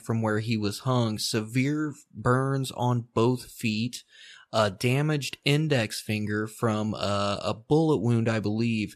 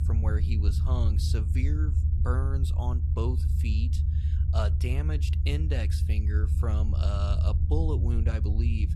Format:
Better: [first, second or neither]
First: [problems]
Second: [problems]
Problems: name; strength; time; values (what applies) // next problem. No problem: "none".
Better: first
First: none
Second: low rumble; loud; throughout; 4 dB below the speech